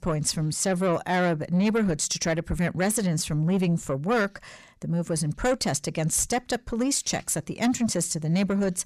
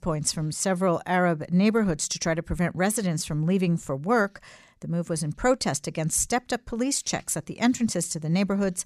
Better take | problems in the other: second | distortion; slight; 10 dB below the speech

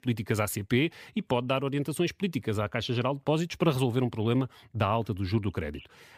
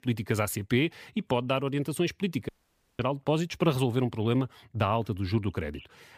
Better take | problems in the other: first | audio cutting out; at 2.5 s for 0.5 s

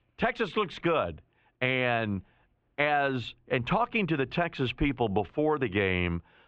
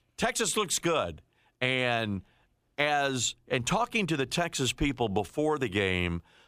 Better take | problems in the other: second | muffled; very; fading above 3 kHz

